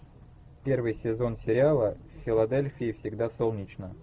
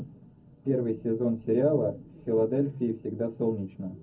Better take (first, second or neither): first